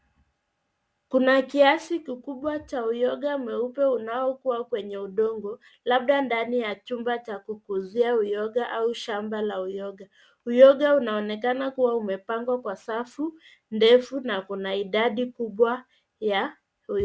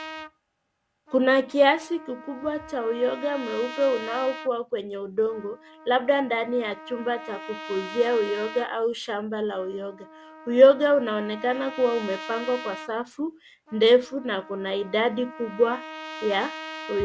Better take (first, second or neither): first